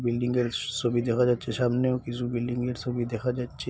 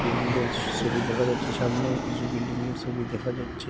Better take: first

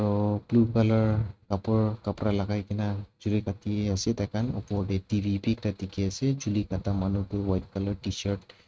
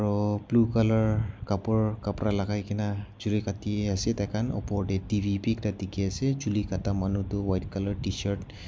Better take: second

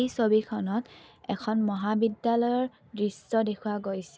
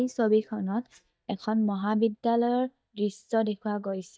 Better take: first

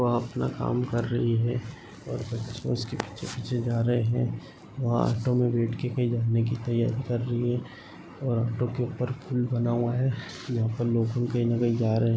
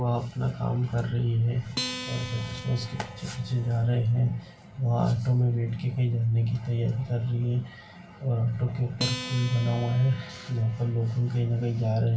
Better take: first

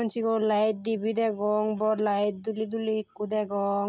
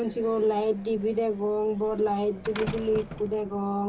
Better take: first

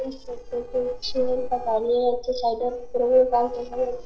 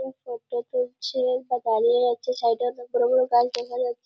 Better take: second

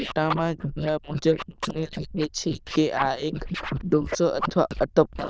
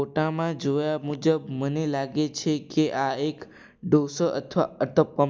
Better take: second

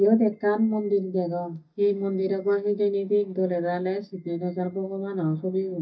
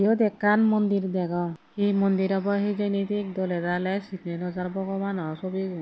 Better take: second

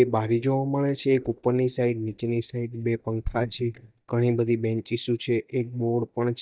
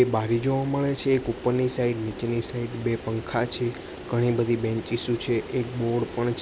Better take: second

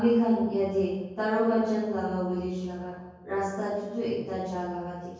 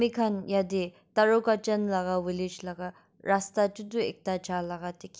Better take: second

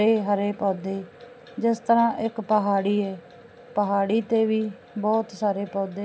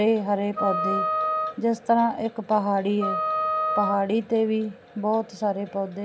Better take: first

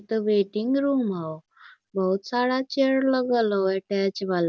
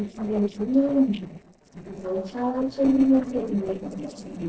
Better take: first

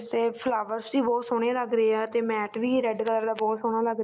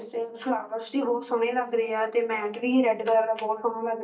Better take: first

